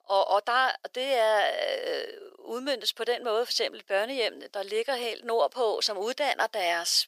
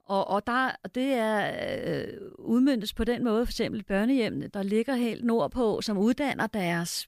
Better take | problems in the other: second | thin; very; fading below 450 Hz

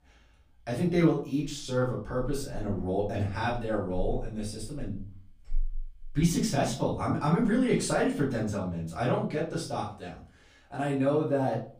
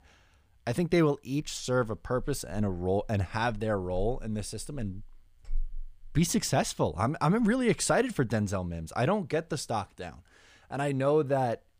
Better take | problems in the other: second | off-mic speech; far // room echo; slight; dies away in 0.4 s

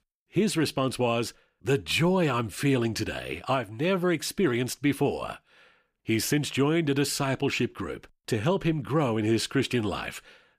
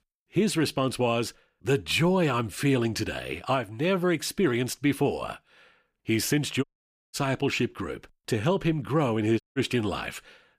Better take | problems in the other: first | audio cutting out; at 6.5 s and at 9.5 s

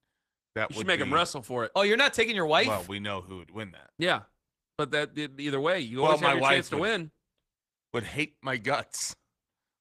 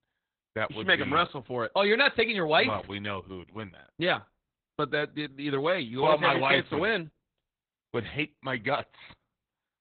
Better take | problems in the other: first | garbled, watery; badly; nothing above 4 kHz; slightly in the first

